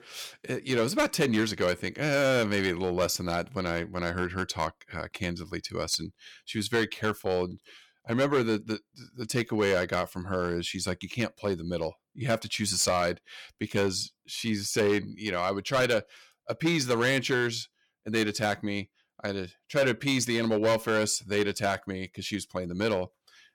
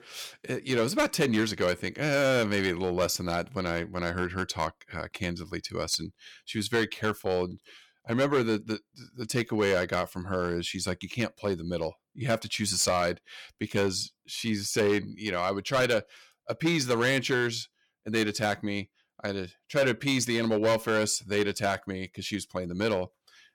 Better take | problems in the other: neither | distortion; slight; 4% of the sound clipped; the same in both

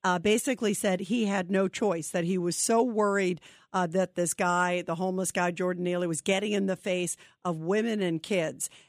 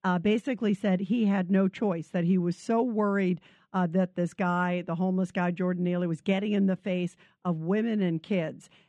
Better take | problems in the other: first | muffled; slightly; fading above 3 kHz

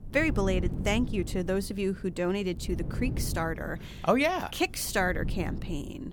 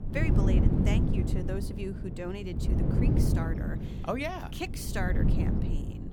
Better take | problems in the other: first | wind noise on the microphone; heavy; 1 dB below the speech; occasional gusts in the first

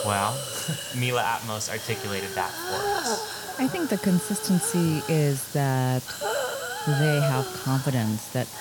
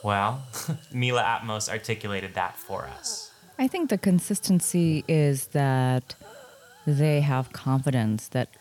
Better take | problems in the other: second | hiss; loud; throughout; 5 dB below the speech; faint in the second

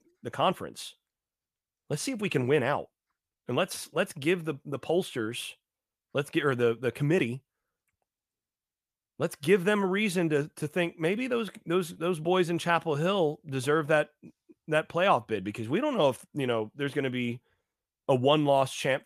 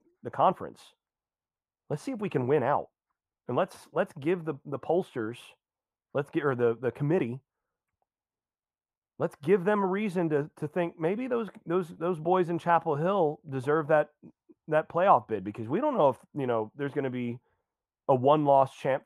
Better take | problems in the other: first | muffled; very; fading above 2 kHz

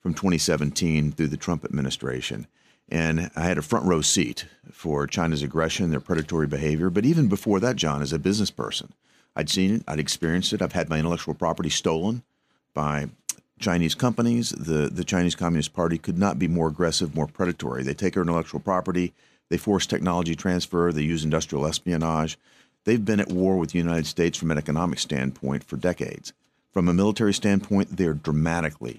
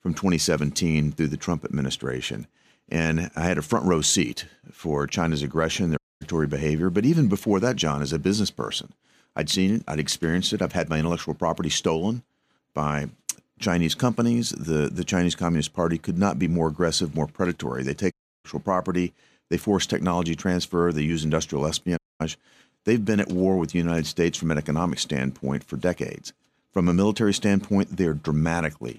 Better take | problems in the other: first | audio cutting out; at 6 s, at 18 s and at 22 s

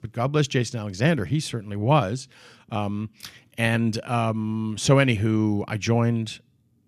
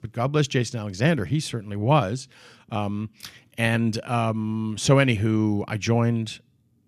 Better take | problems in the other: neither | none

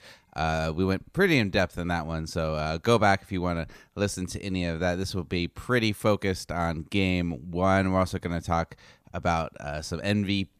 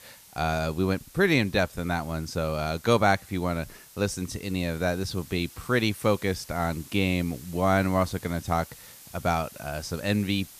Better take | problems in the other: first | hiss; noticeable; throughout; 20 dB below the speech

